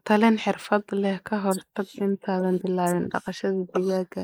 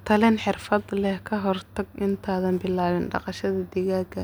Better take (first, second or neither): second